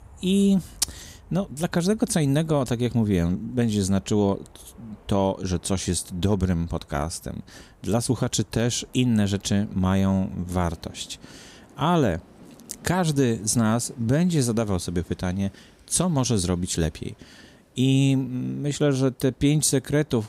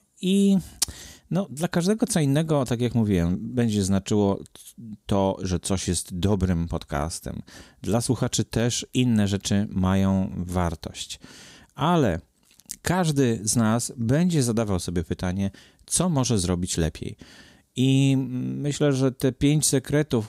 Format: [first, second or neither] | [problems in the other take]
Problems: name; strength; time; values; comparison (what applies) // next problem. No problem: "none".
second | train or aircraft noise; faint; throughout; 25 dB below the speech